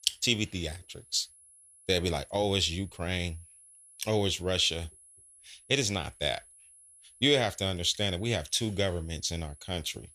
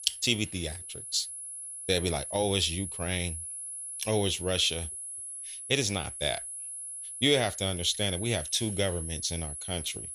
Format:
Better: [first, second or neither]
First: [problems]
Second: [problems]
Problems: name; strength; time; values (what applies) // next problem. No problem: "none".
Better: first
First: high-pitched whine; faint; throughout; 10.5 kHz, 25 dB below the speech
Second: high-pitched whine; loud; throughout; 10.5 kHz, 7 dB below the speech